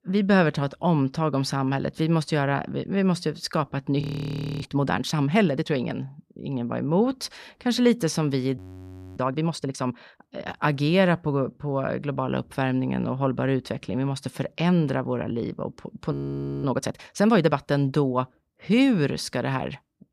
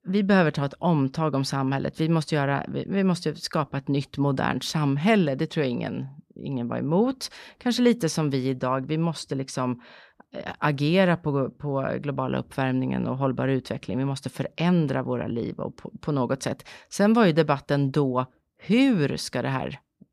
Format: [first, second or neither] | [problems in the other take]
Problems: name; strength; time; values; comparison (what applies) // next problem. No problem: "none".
second | audio freezing; at 4 s for 0.5 s, at 8.5 s for 0.5 s and at 16 s for 0.5 s